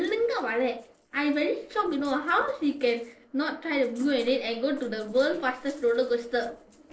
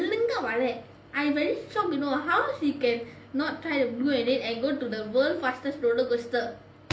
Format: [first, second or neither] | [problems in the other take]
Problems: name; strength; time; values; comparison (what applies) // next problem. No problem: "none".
second | noise reduction (neural separator model SepFormer DNS4)